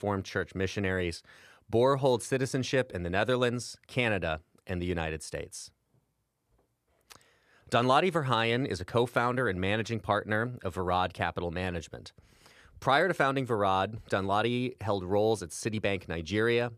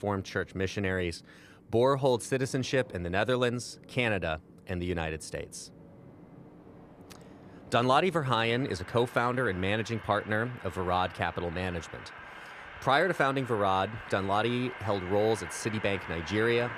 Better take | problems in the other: first | train or aircraft noise; noticeable; throughout; 15 dB below the speech

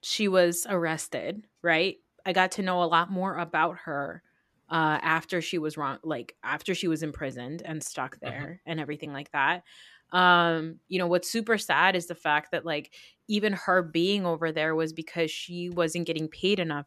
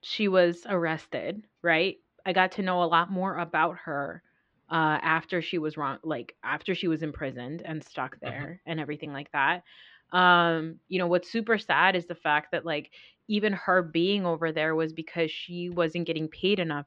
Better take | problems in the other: first | muffled; slightly; fading above 4 kHz

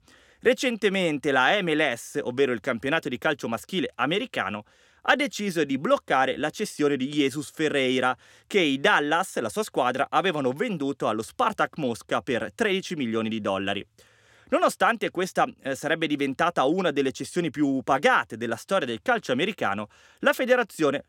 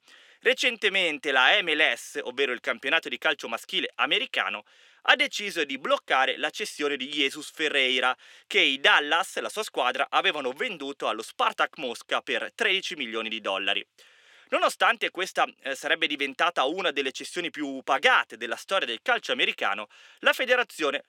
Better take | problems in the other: first | thin; somewhat; fading below 400 Hz

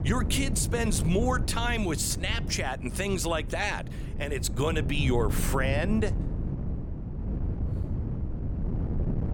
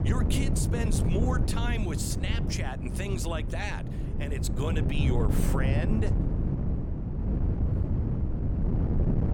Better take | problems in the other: first | wind noise on the microphone; heavy; 3 dB below the speech; occasional gusts in the first

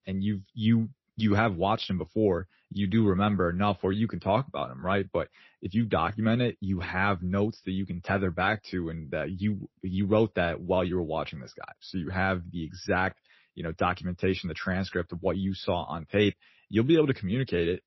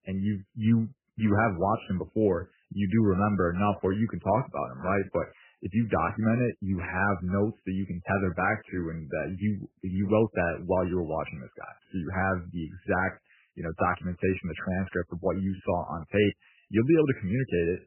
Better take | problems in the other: first | garbled, watery; badly; nothing above 3 kHz; slightly in the first

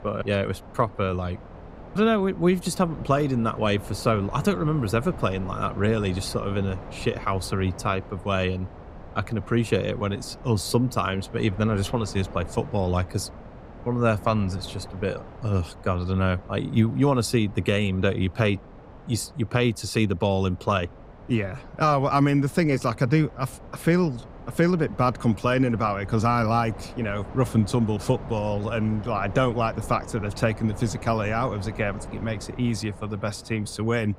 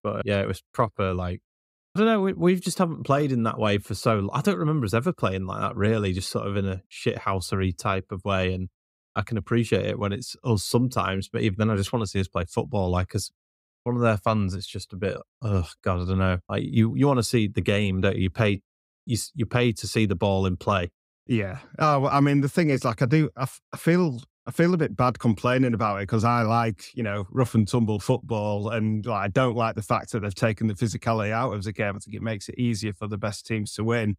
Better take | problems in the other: second | wind noise on the microphone; occasional gusts; 15 dB below the speech

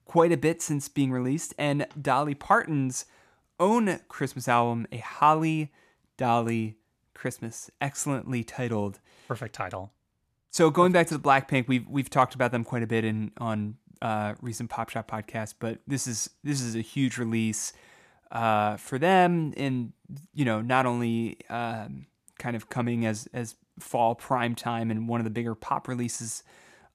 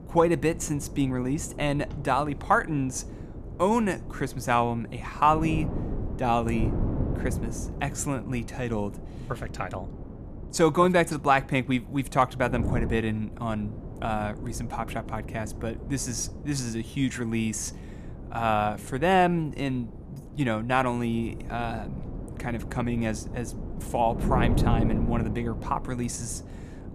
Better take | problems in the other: first | wind noise on the microphone; occasional gusts; 15 dB below the speech

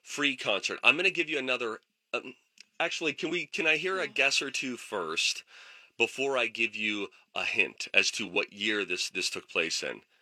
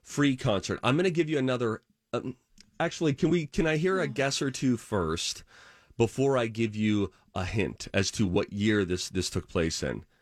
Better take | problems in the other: second | thin; somewhat; fading below 400 Hz

